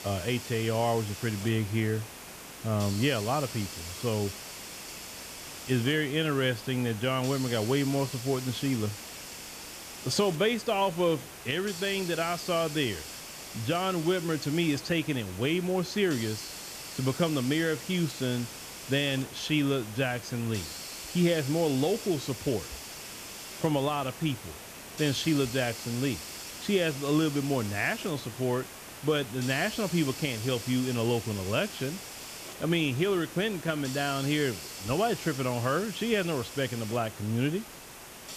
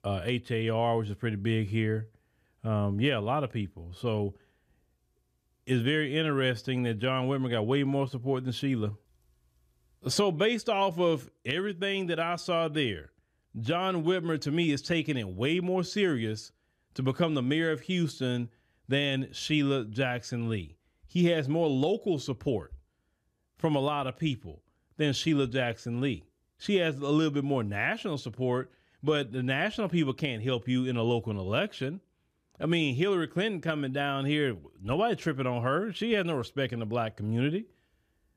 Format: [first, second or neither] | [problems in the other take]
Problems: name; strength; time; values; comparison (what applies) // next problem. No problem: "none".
second | hiss; noticeable; throughout; 10 dB below the speech